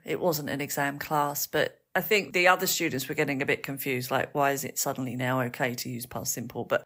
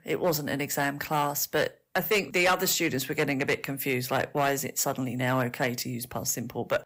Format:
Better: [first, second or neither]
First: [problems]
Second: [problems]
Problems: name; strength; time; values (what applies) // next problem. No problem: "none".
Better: first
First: none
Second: distortion; slight; 4% of the sound clipped